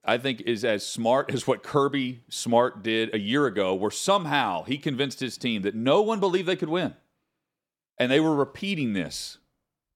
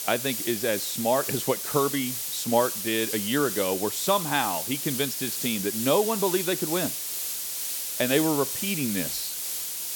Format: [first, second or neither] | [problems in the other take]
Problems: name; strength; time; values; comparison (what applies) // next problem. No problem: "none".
first | hiss; loud; throughout; 2 dB below the speech